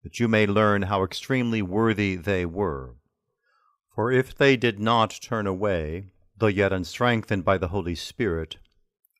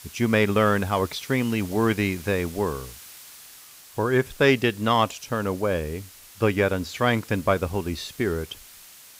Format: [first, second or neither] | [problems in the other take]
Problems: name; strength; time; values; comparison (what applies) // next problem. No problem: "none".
first | hiss; noticeable; throughout; 20 dB below the speech